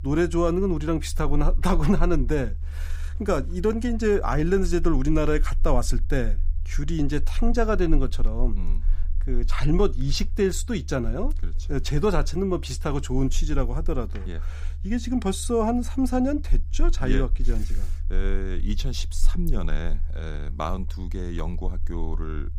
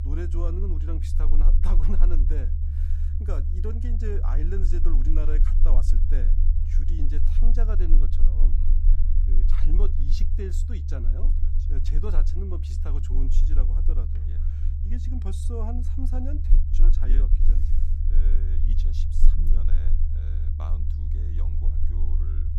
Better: first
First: low rumble; faint; throughout; 25 dB below the speech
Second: low rumble; loud; throughout; 4 dB below the speech

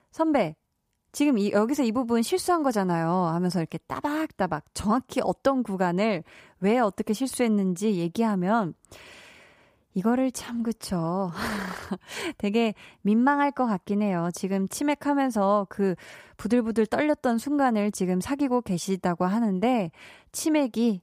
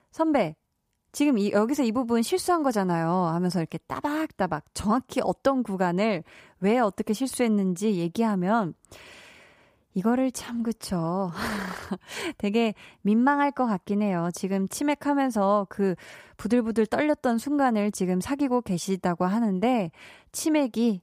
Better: neither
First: none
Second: none

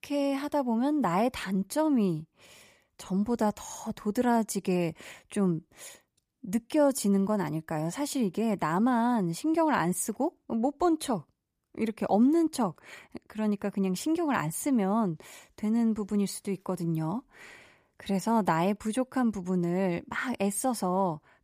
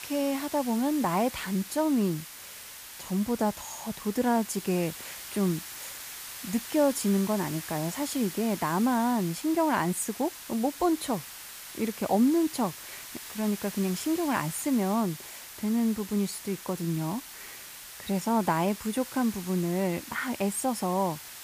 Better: first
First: none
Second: hiss; noticeable; throughout; 10 dB below the speech

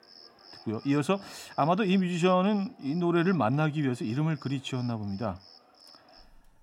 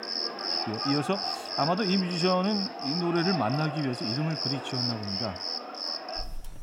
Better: first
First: animal sounds; faint; throughout; 25 dB below the speech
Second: animal sounds; loud; throughout; 2 dB below the speech

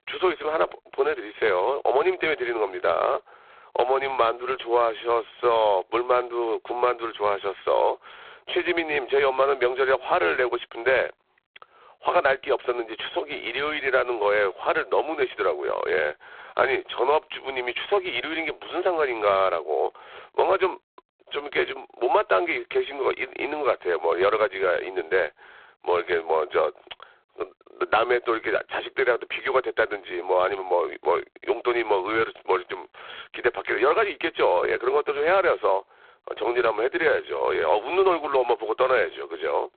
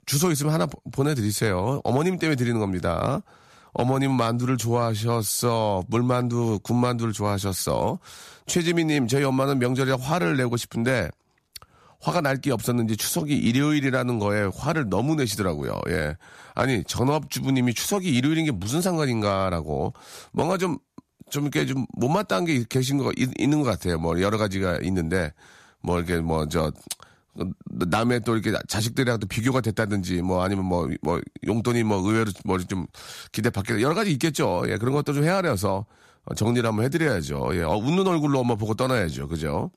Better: second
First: phone-call audio; poor line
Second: none

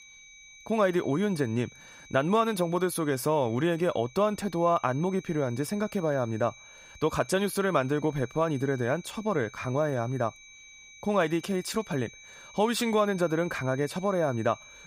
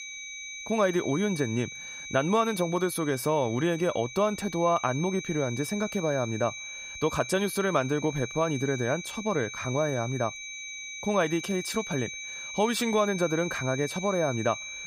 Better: first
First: high-pitched whine; faint; throughout; 2.5 kHz, 20 dB below the speech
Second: high-pitched whine; loud; throughout; 2.5 kHz, 9 dB below the speech

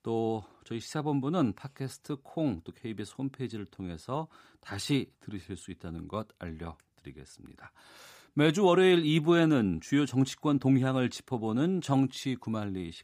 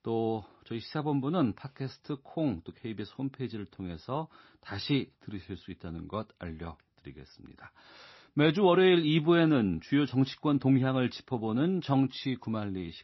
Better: first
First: none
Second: garbled, watery; slightly; nothing above 5.5 kHz

